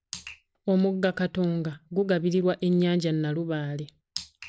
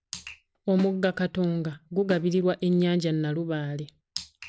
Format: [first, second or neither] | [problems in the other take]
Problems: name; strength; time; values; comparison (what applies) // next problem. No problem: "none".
first | background sound (Snare drum); 19 dB below the speech